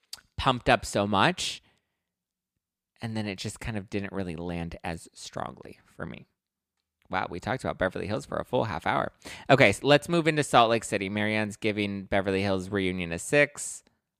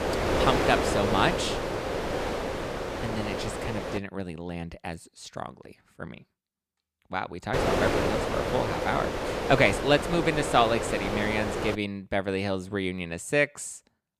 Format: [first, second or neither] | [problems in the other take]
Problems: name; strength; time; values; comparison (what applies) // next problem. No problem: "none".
first | wind noise on the microphone; heavy; until 4 s and from 7.5 to 12 s; 2 dB below the speech